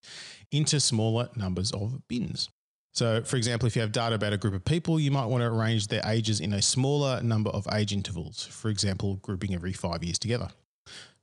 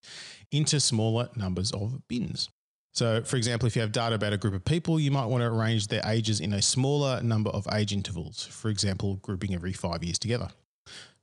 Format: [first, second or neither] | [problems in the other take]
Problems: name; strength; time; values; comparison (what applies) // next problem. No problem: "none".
neither | none